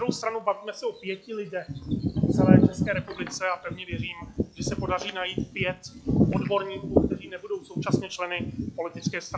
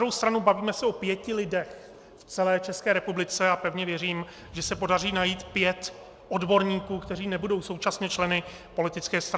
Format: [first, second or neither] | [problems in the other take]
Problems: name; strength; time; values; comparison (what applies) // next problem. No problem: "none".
second | noise reduction (classical method log-MMSE)